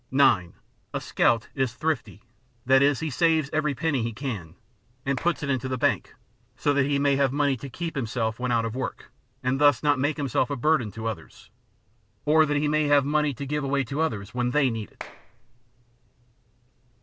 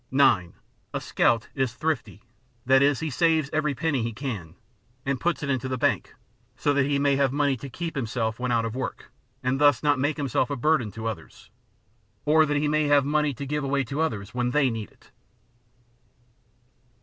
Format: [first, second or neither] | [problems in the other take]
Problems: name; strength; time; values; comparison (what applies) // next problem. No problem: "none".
second | background sound (Clapping); 17 dB below the speech